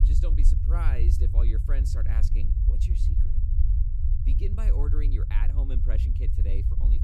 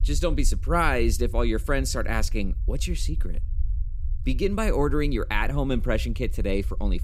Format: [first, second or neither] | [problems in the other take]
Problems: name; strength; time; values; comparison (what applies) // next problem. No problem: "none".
second | low rumble; loud; throughout; 2 dB below the speech; faint in the second